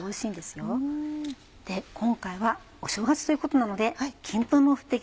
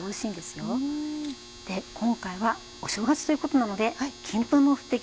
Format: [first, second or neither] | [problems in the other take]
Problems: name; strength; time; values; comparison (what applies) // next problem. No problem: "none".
first | background sound (Domestic sounds, home sounds); 18 dB below the speech